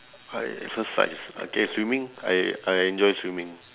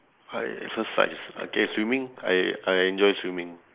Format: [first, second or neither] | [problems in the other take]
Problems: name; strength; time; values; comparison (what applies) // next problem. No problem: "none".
first | noise reduction (neural mask model Resemble Enhance denoiser)